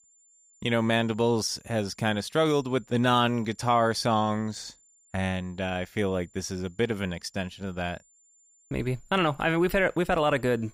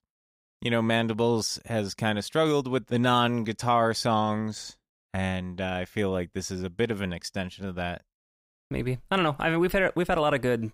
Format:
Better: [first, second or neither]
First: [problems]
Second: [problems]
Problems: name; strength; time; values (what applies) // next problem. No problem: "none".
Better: second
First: high-pitched whine; faint; throughout; 7 kHz, 30 dB below the speech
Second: none